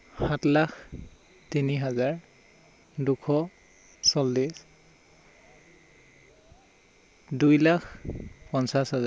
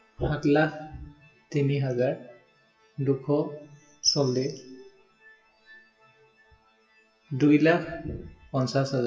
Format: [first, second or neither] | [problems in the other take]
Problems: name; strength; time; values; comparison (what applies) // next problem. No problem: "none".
first | noise reduction (classical method WPE with log-MMSE)